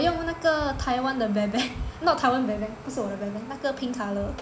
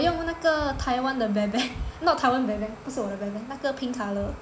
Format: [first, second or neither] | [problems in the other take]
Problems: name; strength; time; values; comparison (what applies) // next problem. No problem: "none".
second | background sound (Engine); 19 dB below the speech